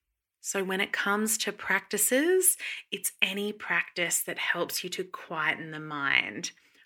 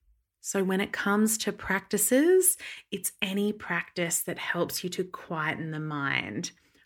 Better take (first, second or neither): second